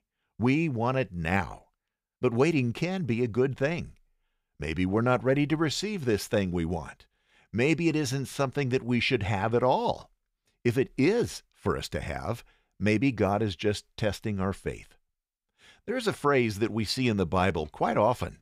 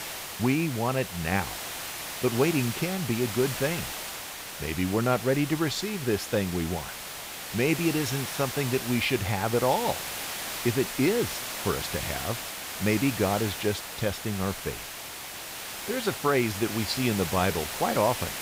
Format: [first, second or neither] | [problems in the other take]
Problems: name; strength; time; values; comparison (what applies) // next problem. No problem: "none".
first | hiss; loud; throughout; 6 dB below the speech